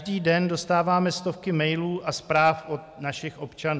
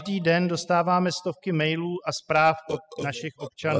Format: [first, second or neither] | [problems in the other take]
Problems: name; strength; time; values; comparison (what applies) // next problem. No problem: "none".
first | noise reduction (classical method spectral subtraction)